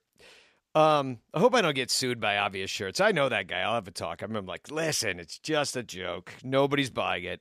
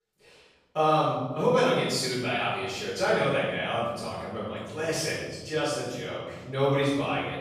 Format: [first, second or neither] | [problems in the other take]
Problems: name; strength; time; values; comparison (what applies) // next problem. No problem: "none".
first | off-mic speech; far // room echo; strong; dies away in 1.3 s